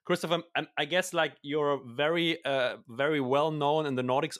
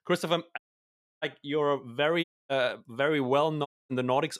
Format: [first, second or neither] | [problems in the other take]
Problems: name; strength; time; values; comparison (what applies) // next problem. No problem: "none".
first | audio cutting out; at 0.5 s for 0.5 s, at 2 s and at 3.5 s